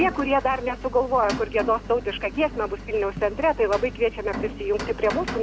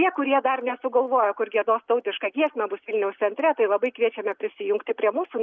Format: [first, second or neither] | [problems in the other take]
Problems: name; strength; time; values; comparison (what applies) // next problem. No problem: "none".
second | background sound (Rain); 10 dB below the speech